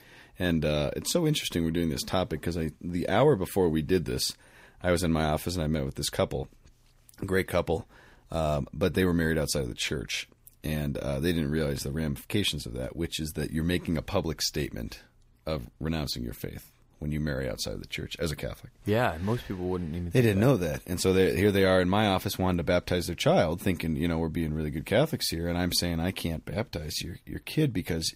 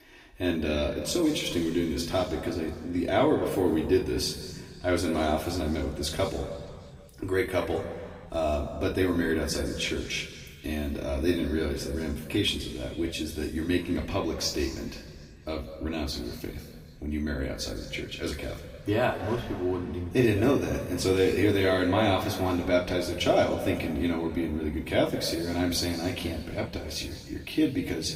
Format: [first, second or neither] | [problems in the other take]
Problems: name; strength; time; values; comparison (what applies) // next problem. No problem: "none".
first | room echo; noticeable; dies away in 1.9 s // off-mic speech; far